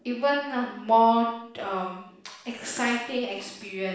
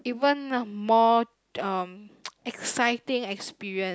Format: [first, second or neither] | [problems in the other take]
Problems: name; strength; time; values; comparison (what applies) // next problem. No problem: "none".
second | room echo; dies away in 0.7 s